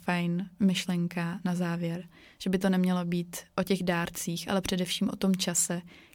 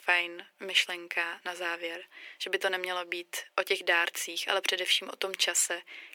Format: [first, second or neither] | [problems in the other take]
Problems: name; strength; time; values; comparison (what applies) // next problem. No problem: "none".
first | thin; very; fading below 350 Hz